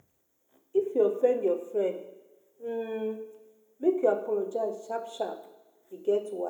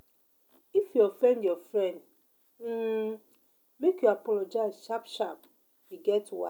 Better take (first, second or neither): second